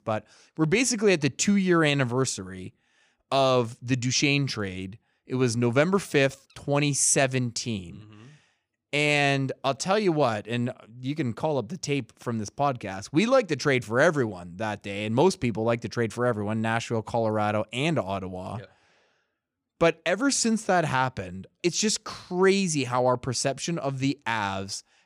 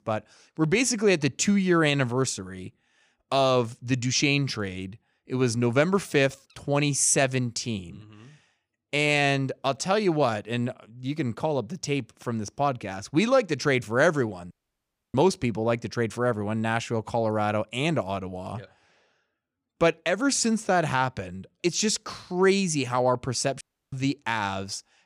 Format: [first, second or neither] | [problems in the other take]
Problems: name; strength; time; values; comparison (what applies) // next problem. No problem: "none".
first | audio cutting out; at 15 s for 0.5 s and at 24 s